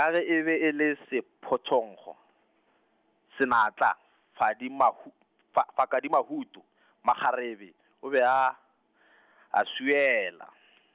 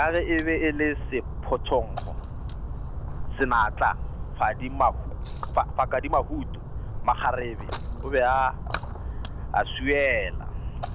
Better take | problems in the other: first | background sound (Splash, splatter); 5 dB below the speech

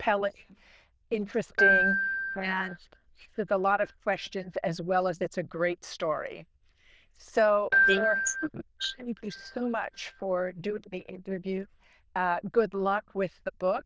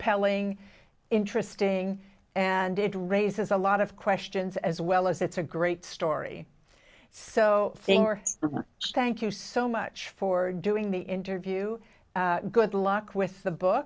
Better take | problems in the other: second | noise reduction (neural diffusion model UNIVERSE++)

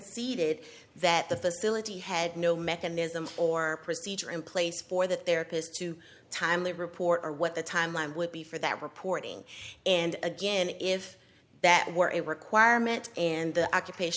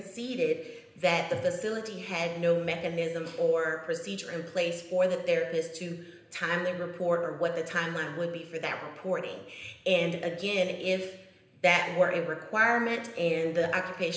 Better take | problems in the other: first | room echo; dies away in 0.9 s

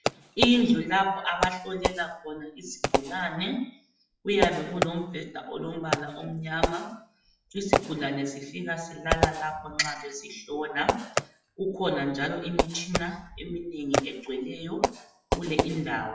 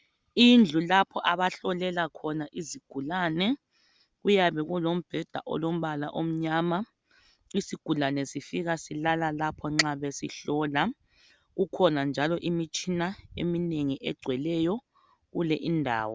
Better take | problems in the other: second | noise reduction (classical method WPE with log-MMSE)

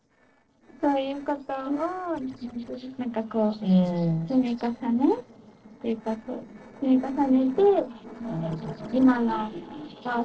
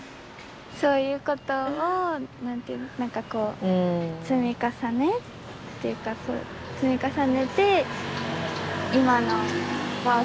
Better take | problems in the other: second | noise reduction (neural separator model SepFormer DNS4)

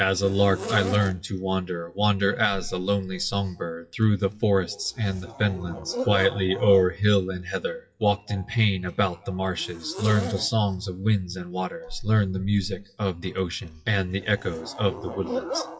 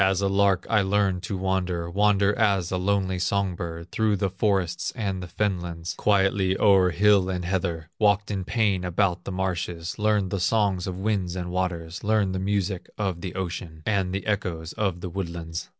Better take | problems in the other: second | noise reduction (classical method WPE with log-MMSE)

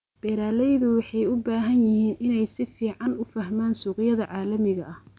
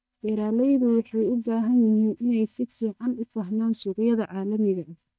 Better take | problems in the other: first | noise reduction (neural mask model DeepFilterNet 3)

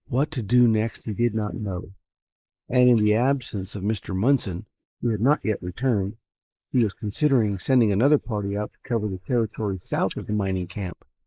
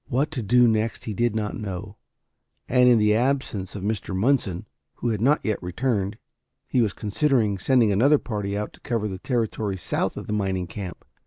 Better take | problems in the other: second | noise reduction (neural mask model Resemble Enhance denoiser)

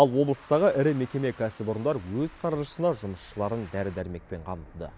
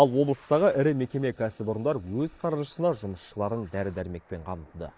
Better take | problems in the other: first | noise reduction (neural mask model Resemble Enhance denoiser)

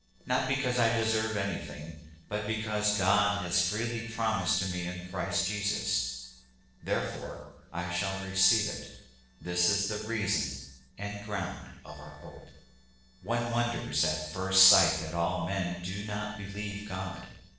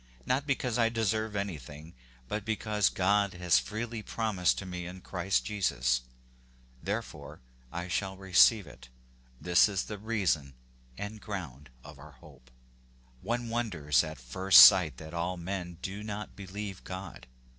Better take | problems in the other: second | noise reduction (neural separator model SepFormer DNS4)

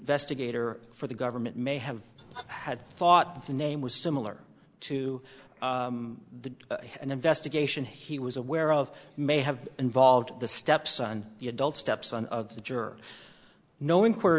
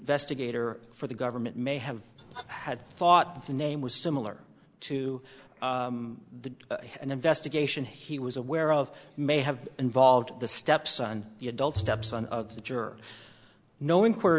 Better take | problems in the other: first | background sound (Bowed string instrument); 12 dB below the speech

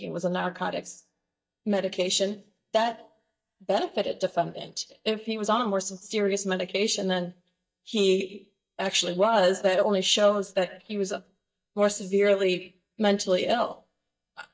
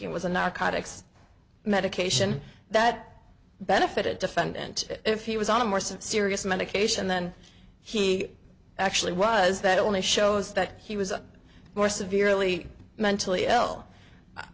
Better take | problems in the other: second | noise reduction (neural mask model DeepFilterNet 3)

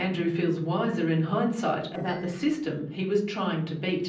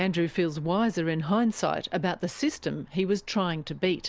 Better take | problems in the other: second | noise reduction (neural separator model SepFormer DNS4)

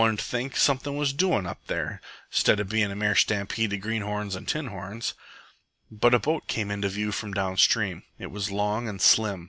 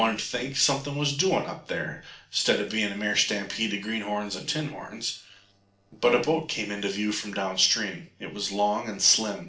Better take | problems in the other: first | noise reduction (neural separator model SepFormer DNS4)

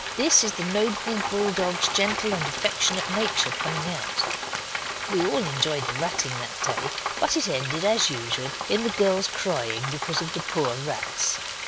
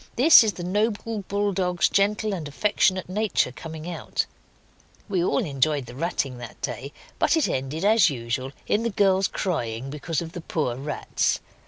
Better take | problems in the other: second | background sound (Frying (food)); 4 dB below the speech

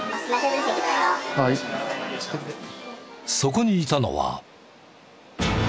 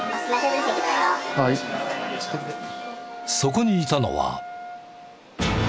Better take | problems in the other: first | background sound (Wind instrument, woodwind instrument); 11 dB below the speech

